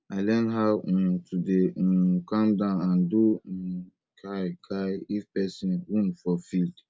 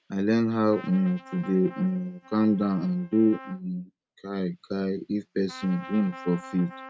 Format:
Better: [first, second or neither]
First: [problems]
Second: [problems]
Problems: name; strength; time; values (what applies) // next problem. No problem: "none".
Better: first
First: none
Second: noise reduction (neural mask model RNNoise)